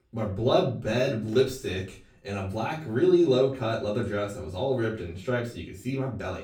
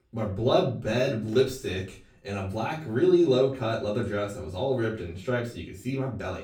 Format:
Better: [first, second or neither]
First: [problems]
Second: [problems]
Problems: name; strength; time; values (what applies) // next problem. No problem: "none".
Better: neither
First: room echo; slight; dies away in 0.3 s // off-mic speech; far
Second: room echo; slight; dies away in 0.3 s // off-mic speech; far